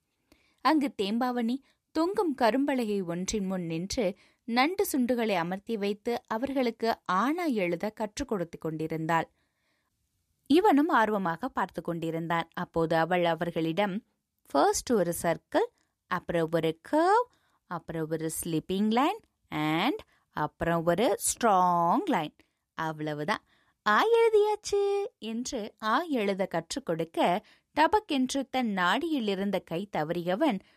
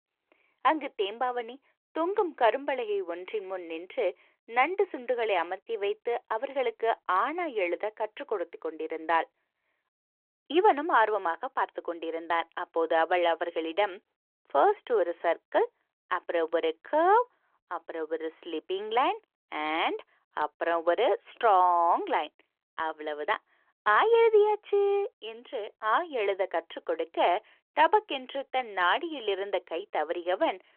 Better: first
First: none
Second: phone-call audio

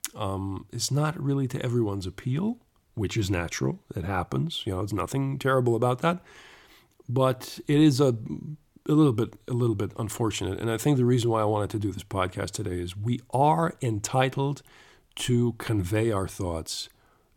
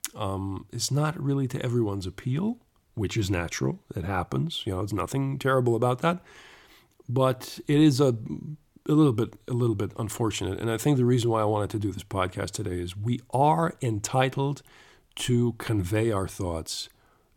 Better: neither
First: none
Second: none

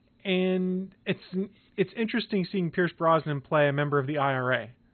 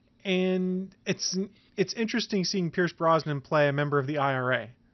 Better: second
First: garbled, watery; badly; nothing above 4 kHz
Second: garbled, watery; slightly; nothing above 6 kHz

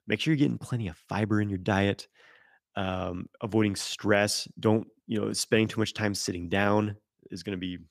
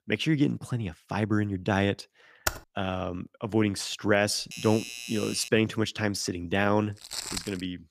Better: first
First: none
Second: keyboard typing; noticeable; at 2.5 s; peak 4 dB below the speech // doorbell; noticeable; from 4.5 to 5.5 s; peak 8 dB below the speech // footsteps; noticeable; at 7 s; peak 5 dB below the speech

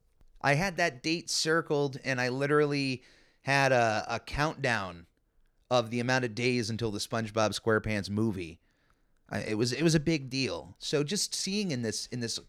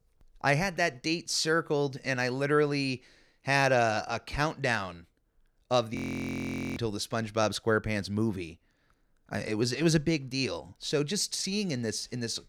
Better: first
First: none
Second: audio freezing; at 6 s for 1 s

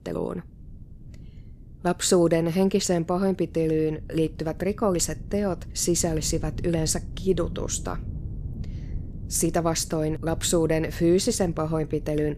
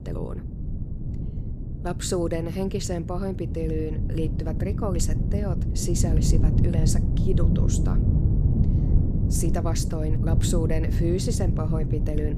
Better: first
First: low rumble; faint; throughout; 25 dB below the speech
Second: low rumble; loud; throughout; 5 dB below the speech

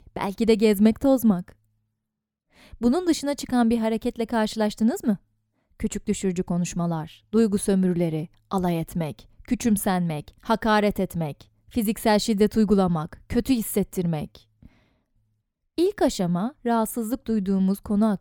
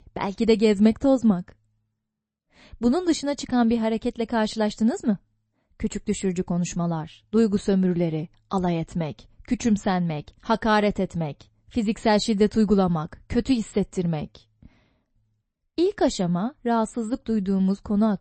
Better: first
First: none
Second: garbled, watery; slightly; nothing above 8 kHz

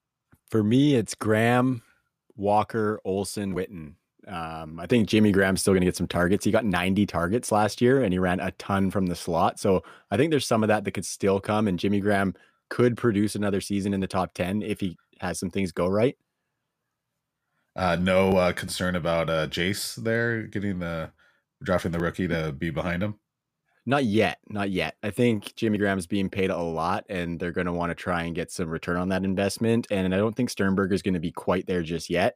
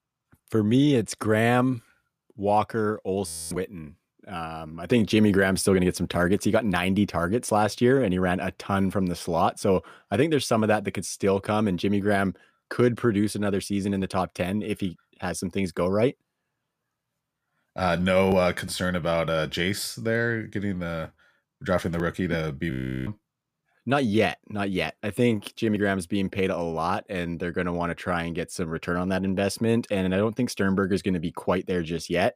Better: first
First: none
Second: audio freezing; at 3.5 s and at 23 s

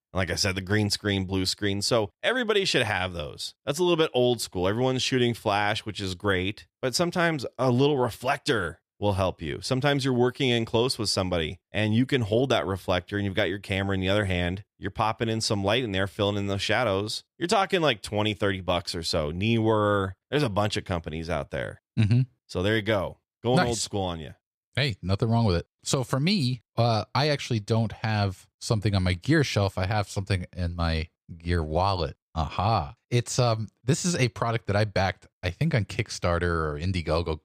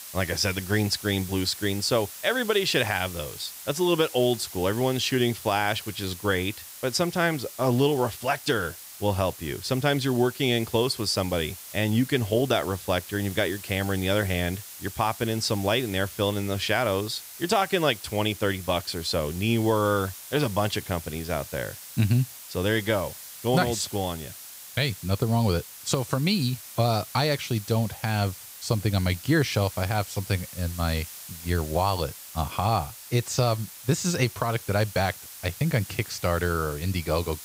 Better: first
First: none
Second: hiss; noticeable; throughout; 15 dB below the speech

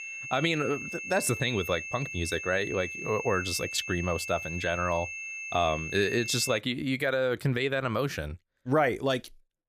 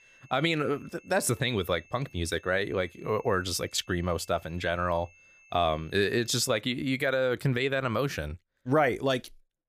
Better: second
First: high-pitched whine; loud; until 6.5 s; 2.5 kHz, 7 dB below the speech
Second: high-pitched whine; faint; until 6.5 s; 2.5 kHz, 25 dB below the speech

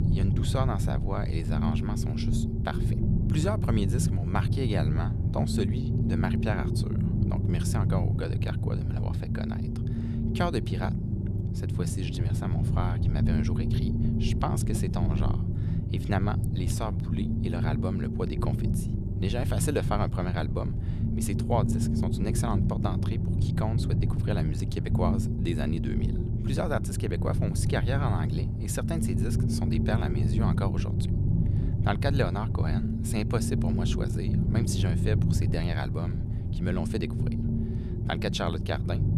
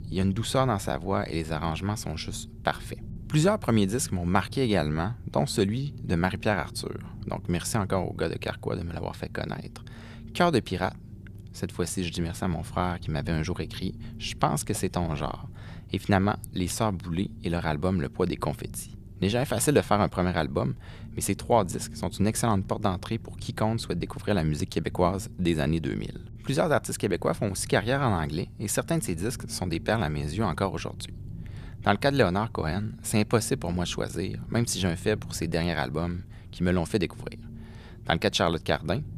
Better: second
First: low rumble; loud; throughout; 3 dB below the speech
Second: low rumble; faint; throughout; 25 dB below the speech

